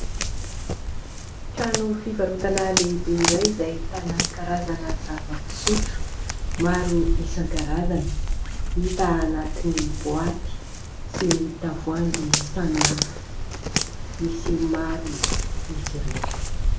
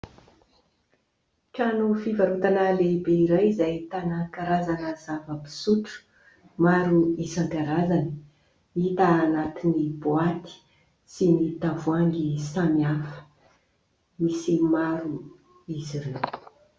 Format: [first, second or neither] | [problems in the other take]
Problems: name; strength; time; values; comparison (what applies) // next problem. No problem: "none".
second | background sound (Walk, footsteps); 1 dB above the speech